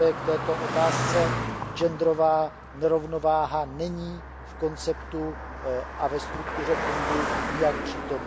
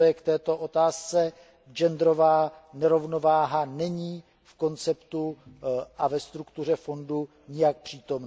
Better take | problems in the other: second | background sound (Car passing by); 4 dB below the speech

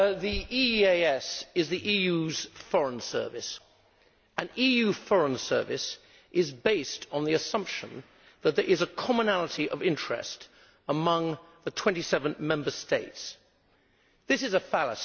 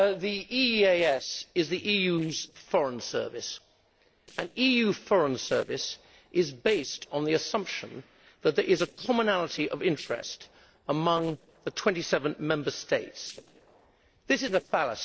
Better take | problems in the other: first | noise reduction (neural separator model SepFormer DNS4)

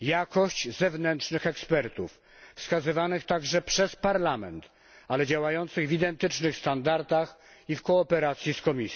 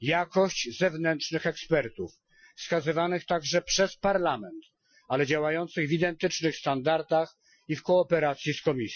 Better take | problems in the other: first | noise reduction (classical method Wiener filter)

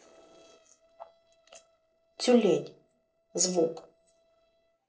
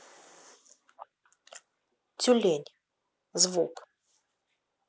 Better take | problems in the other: second | noise reduction (neural separator model SepFormer DNS4)

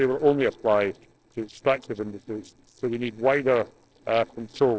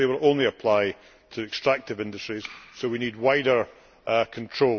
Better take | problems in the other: second | noise reduction (neural separator model SepFormer DNS4)

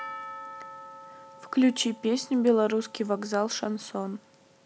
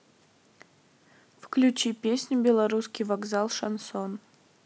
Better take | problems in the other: second | background sound (Percussion); 17 dB below the speech

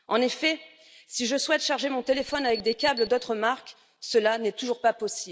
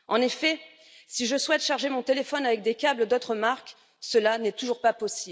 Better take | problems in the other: second | background sound (Alarm); 11 dB below the speech

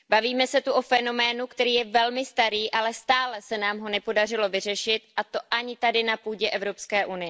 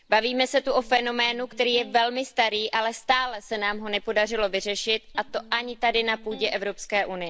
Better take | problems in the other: first | background sound (Ocean + Electric guitar); 19 dB below the speech

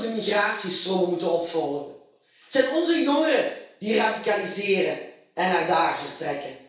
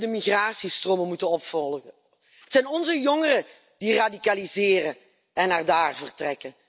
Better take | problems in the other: second | room echo; dies away in 0.6 s

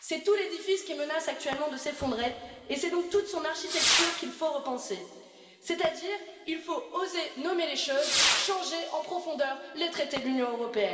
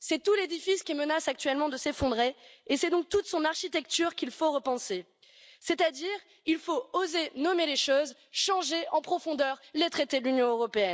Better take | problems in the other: second | background sound (Whoosh, swoosh, swish / Fireworks); 4 dB below the speech // room echo; dies away in 2.1 s

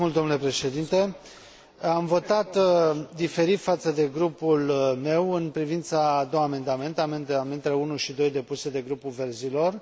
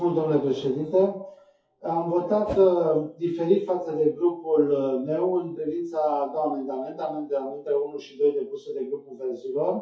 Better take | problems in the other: first | noise reduction (classical method WPE with log-MMSE)

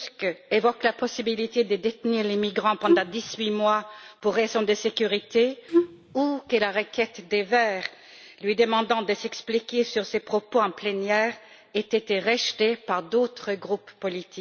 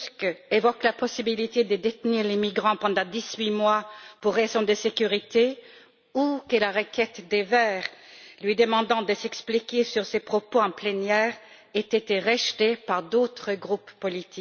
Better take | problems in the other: second | background sound (Wind instrument, woodwind instrument); 1 dB above the speech

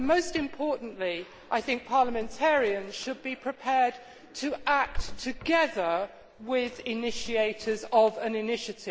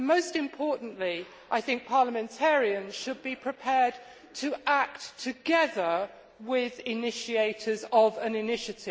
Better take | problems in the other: second | background sound (Drawer open or close); 12 dB below the speech

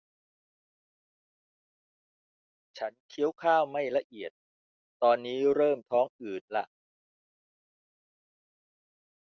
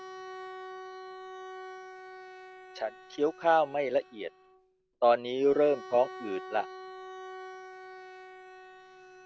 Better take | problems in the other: first | background sound (Bowed string instrument); 14 dB below the speech

